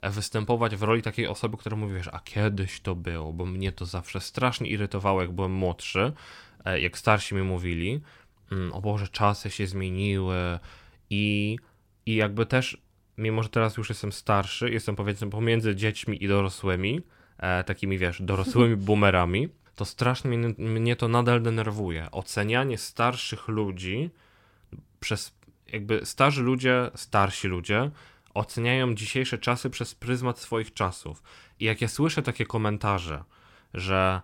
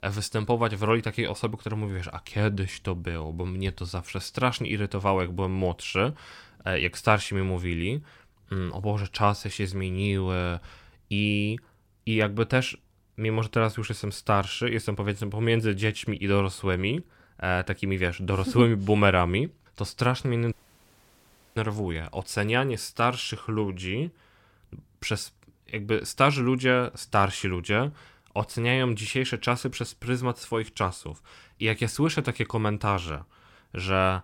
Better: first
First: none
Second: audio cutting out; at 21 s for 1 s

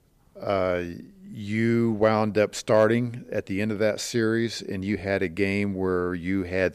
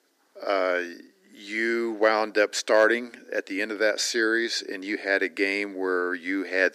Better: first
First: none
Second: thin; somewhat; fading below 300 Hz

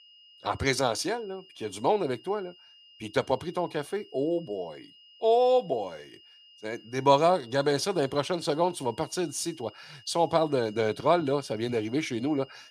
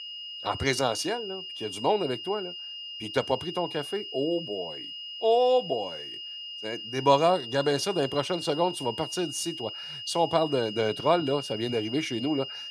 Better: first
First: high-pitched whine; faint; throughout; 3 kHz, 25 dB below the speech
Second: high-pitched whine; loud; throughout; 3 kHz, 9 dB below the speech

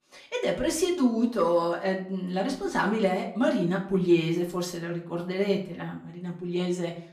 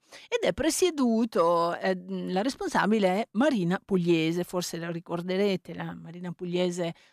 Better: second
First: room echo; slight; dies away in 0.4 s // off-mic speech; far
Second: none

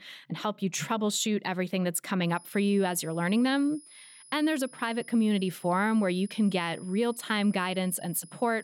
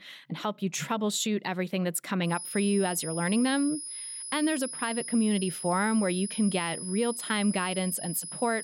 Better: first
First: high-pitched whine; faint; from 2.5 s on; 10.5 kHz, 20 dB below the speech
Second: high-pitched whine; loud; from 2.5 s on; 10.5 kHz, 7 dB below the speech

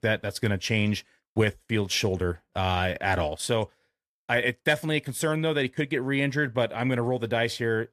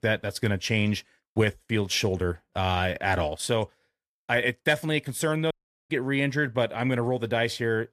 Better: first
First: none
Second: audio cutting out; at 5.5 s

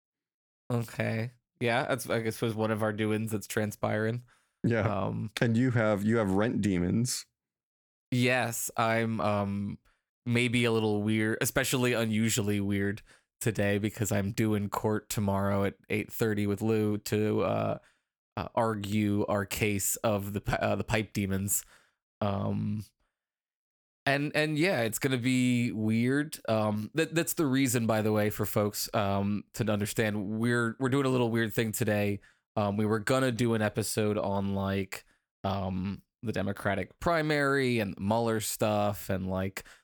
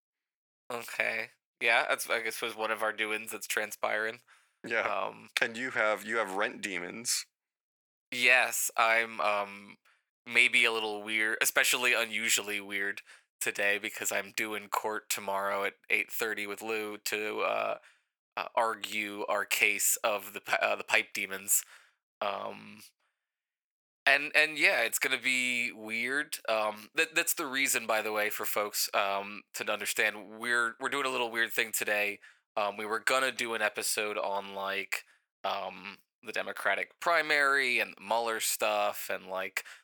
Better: first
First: none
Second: thin; very; fading below 700 Hz

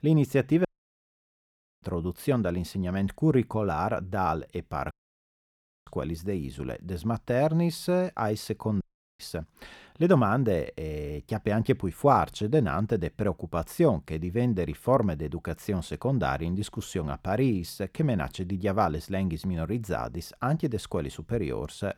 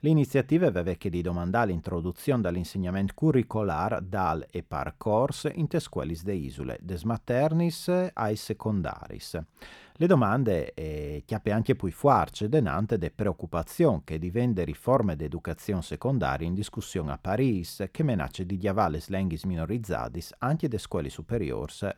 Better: second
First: audio cutting out; at 0.5 s for 1 s, at 5 s for 1 s and at 9 s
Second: none

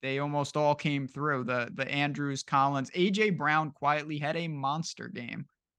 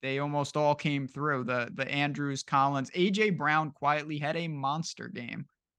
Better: neither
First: none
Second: none

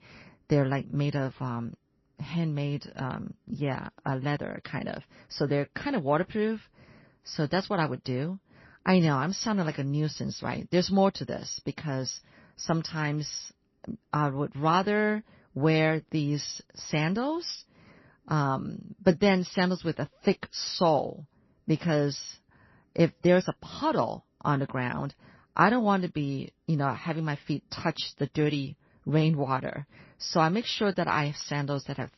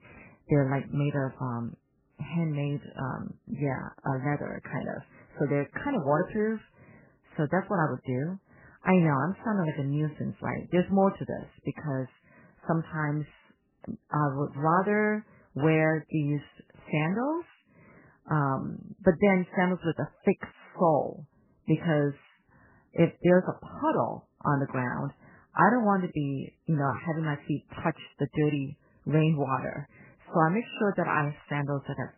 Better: first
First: garbled, watery; slightly; nothing above 6 kHz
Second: garbled, watery; badly; nothing above 3 kHz

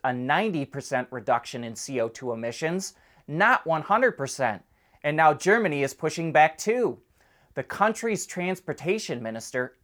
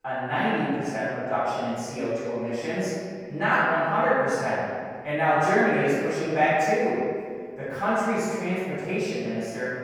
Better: first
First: none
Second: off-mic speech; far // room echo; strong; dies away in 1.9 s

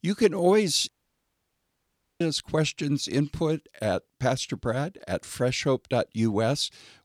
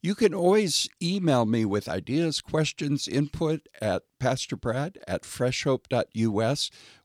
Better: second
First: audio cutting out; at 1 s for 1.5 s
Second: none

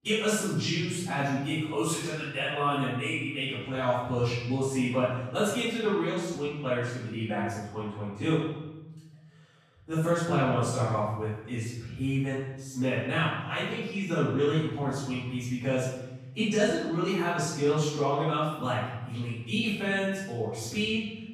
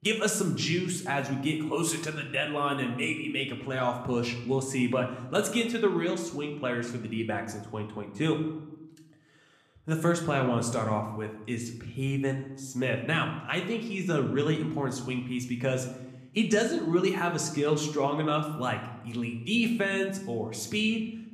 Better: second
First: room echo; strong; dies away in 1.1 s // off-mic speech; far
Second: room echo; slight; dies away in 0.8 s

